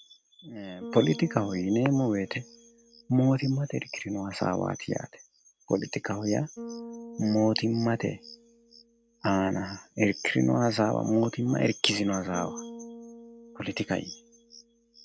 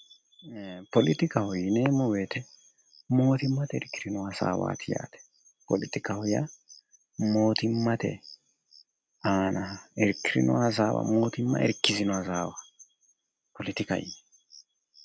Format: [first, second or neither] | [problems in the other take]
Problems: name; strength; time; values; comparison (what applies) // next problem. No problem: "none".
second | background sound (Bass guitar); 19 dB below the speech